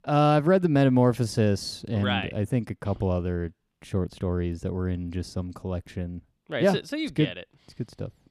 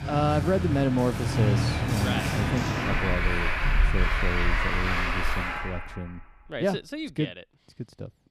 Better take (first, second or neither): first